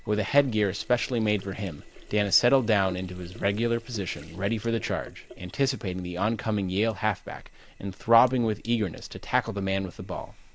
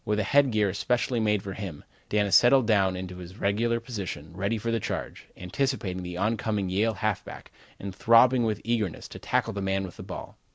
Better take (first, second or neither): second